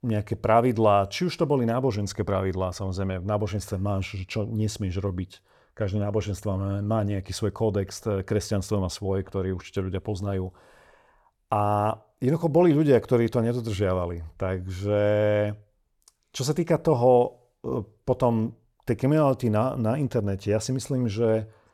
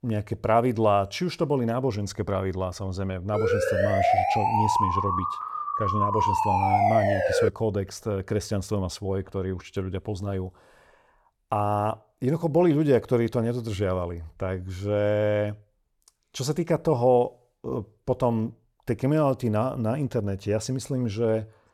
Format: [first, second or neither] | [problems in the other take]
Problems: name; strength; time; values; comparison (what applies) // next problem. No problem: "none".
first | siren; loud; from 3.5 to 7.5 s; peak 5 dB above the speech